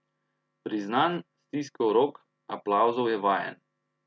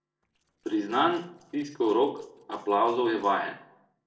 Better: first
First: none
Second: noise reduction (neural separator model SepFormer DNS4)

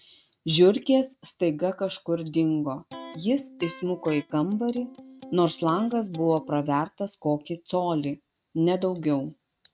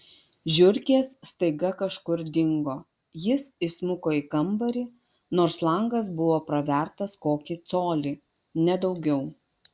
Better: second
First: noise reduction (neural mask model RNNoise)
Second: none

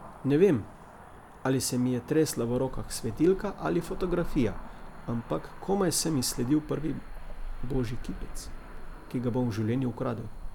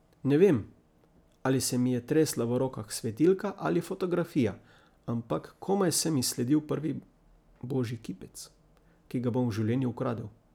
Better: second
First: background sound (Cricket / Motor vehicle (road)); 9 dB below the speech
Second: none

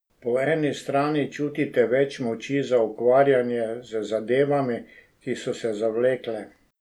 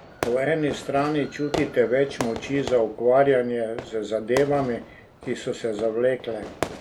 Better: first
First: none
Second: background sound (Fireworks); 12 dB below the speech

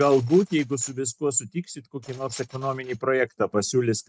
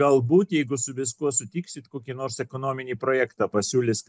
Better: second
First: noise reduction (neural mask model RNNoise)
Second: none

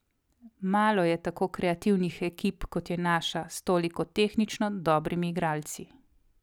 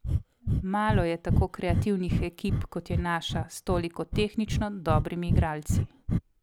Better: first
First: none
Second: background sound (Breathing); 2 dB above the speech

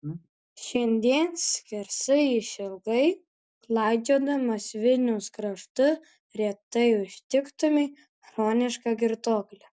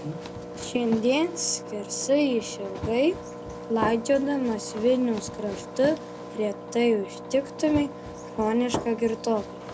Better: first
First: none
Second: background sound (Engine + Run); 10 dB below the speech

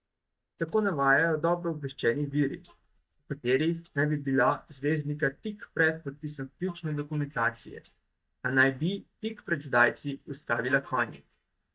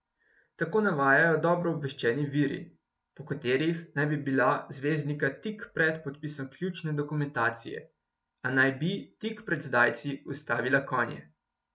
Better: second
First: noise reduction (neural mask model DeepFilterNet 3)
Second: none

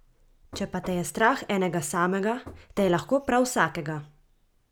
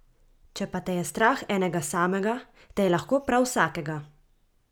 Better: second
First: background sound (Knock); 19 dB below the speech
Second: none

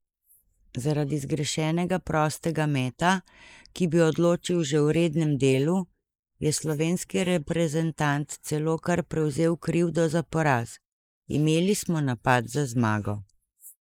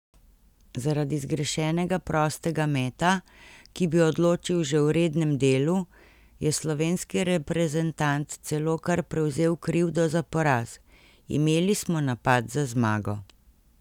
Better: second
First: noise reduction (neural mask model Resemble Enhance denoiser)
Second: none

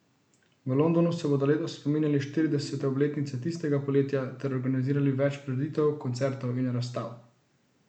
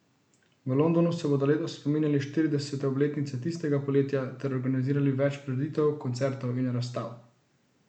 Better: second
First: background sound (Ringtone); 16 dB below the speech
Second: none

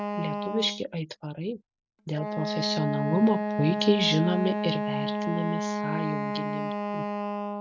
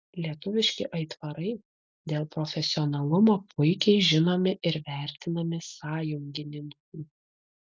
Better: second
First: background sound (Wind instrument, woodwind instrument); 1 dB below the speech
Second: none

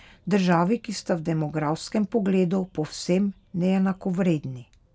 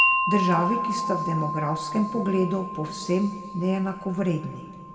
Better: first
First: none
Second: background sound (Wind chime); 2 dB below the speech // room echo; dies away in 2 s

